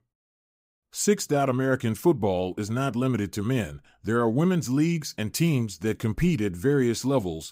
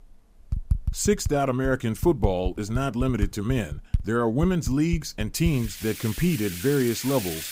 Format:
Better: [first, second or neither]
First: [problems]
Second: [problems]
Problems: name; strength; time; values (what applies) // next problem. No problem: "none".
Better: first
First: none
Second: household noises; loud; throughout; 9 dB below the speech